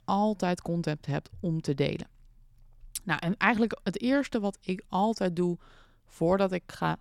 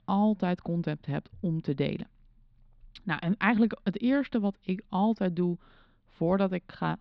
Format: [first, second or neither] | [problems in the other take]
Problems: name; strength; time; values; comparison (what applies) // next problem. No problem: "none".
first | muffled; slightly; fading above 4 kHz